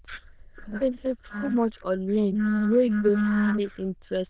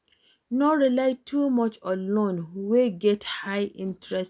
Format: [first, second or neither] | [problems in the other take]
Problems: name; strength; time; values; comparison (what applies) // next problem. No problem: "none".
second | noise reduction (neural diffusion model UNIVERSE++)